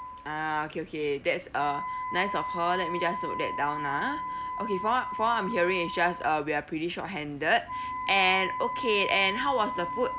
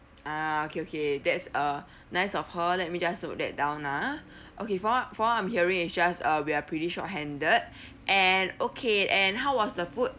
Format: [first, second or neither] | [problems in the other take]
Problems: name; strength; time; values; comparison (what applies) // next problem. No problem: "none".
second | background sound (Wind instrument, woodwind instrument); 6 dB below the speech